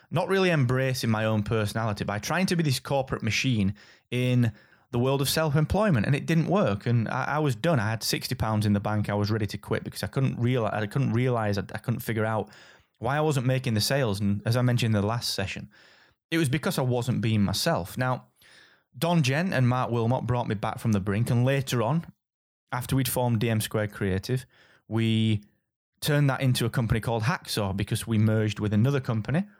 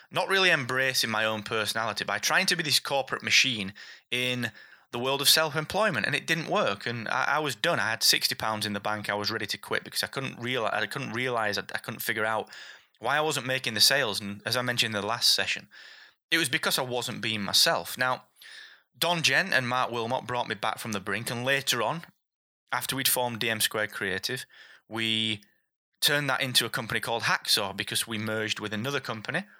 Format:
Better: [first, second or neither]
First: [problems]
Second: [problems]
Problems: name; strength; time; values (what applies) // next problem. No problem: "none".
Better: first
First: none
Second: thin; somewhat; fading below 1 kHz